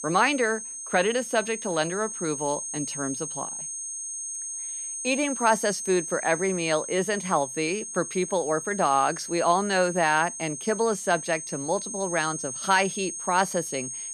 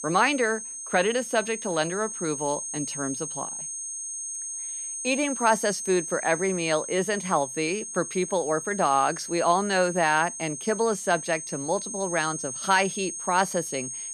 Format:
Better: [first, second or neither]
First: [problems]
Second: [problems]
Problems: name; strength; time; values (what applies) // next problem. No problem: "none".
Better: neither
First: high-pitched whine; loud; throughout; 6.5 kHz, 6 dB below the speech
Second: high-pitched whine; loud; throughout; 6.5 kHz, 6 dB below the speech